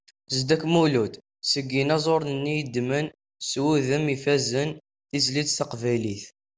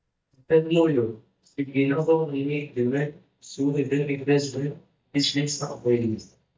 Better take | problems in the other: first | noise reduction (neural mask model DeepFilterNet 3)

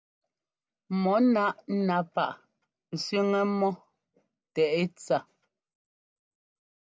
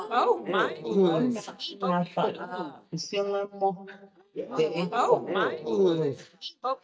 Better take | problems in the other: first | noise reduction (neural mask model DeepFilterNet 3)

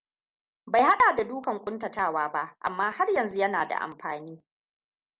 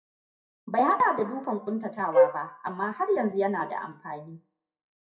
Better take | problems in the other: first | noise reduction (classical method WPE with log-MMSE)

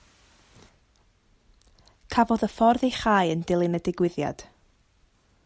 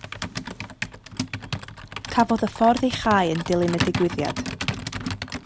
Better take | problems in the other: first | background sound (Computer keyboard); 6 dB below the speech

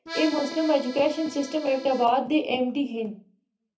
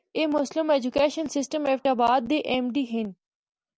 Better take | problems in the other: second | background sound (Accordion); 12 dB below the speech // room echo; dies away in 0.3 s

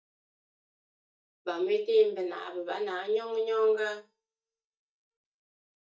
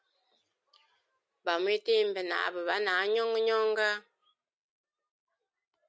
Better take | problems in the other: second | noise reduction (neural mask model DeepFilterNet 3)

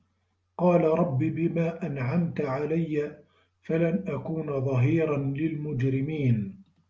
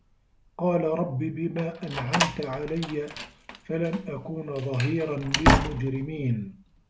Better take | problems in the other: first | background sound (Slam); 1 dB below the speech

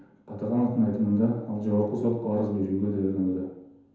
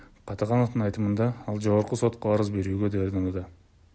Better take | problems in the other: second | room echo; dies away in 0.9 s

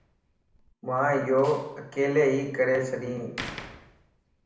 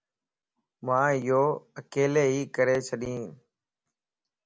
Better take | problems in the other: second | background sound (Slam); 18 dB below the speech // room echo; dies away in 0.8 s

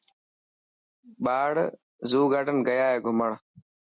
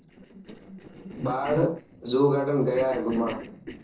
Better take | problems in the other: first | noise reduction (neural separator model SepFormer DNS4)

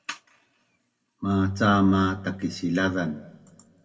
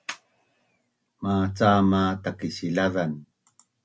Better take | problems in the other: second | room echo; dies away in 0.8 s

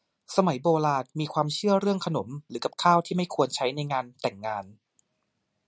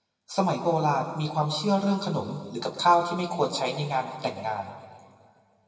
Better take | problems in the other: first | room echo; dies away in 2.4 s

